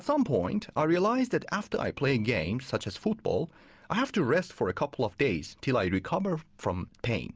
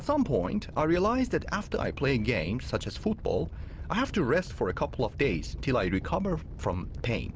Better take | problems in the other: first | background sound (Animal); 10 dB below the speech

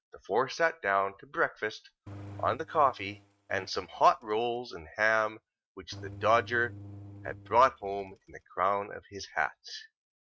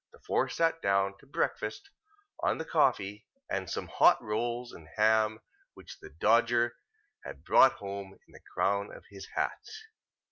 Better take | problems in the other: second | noise reduction (neural mask model RNNoise)

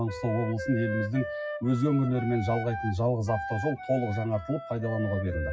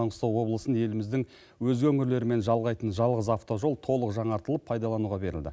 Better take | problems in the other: second | noise reduction (classical method WPE with log-MMSE)

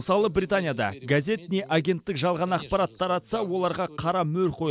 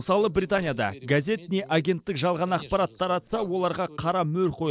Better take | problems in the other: first | noise reduction (neural separator model SepFormer DNS4)

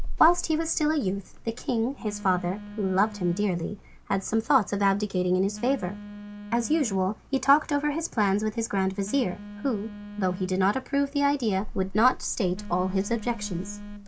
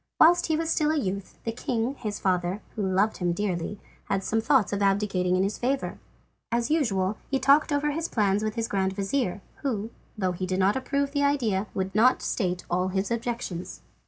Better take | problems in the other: second | background sound (Telephone); 11 dB below the speech

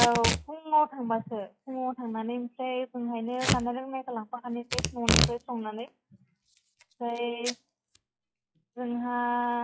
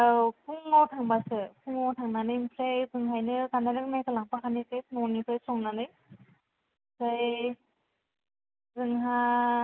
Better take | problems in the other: second | noise reduction (classical method log-MMSE)

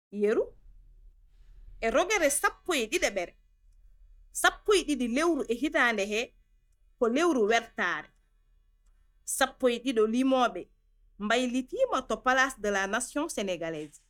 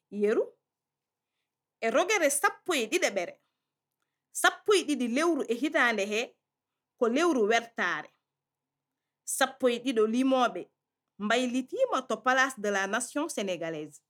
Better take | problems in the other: second | noise reduction (neural mask model DeepFilterNet 3)

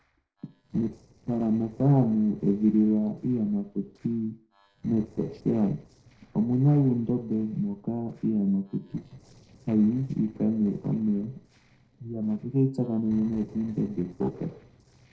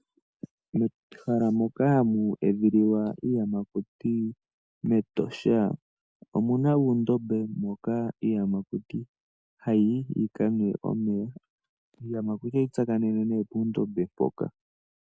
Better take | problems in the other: second | noise reduction (neural separator model SepFormer DNS4)

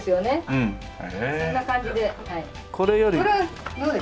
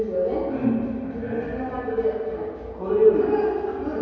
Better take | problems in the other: first | room echo; dies away in 2.2 s

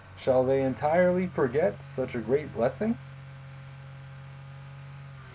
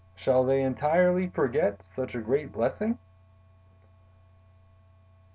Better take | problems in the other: second | background sound (Accelerating, revving, vroom / Motor vehicle (road)); 16 dB below the speech

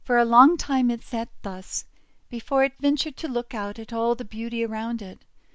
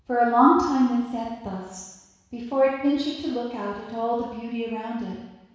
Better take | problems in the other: first | room echo; dies away in 1.1 s

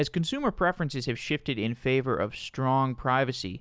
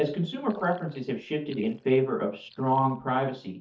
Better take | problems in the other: first | noise reduction (neural mask model DeepFilterNet 3)

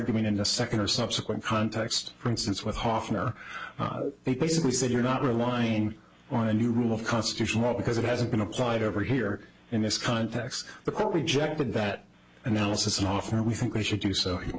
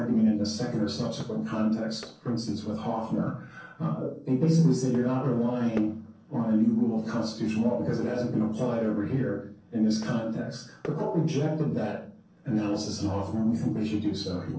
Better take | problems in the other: first | noise reduction (neural separator model SepFormer DNS4)

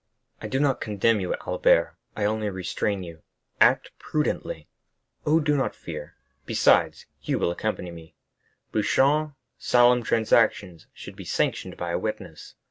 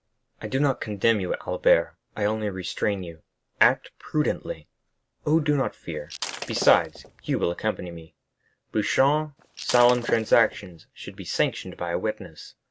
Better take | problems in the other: first | background sound (Shatter); 11 dB below the speech

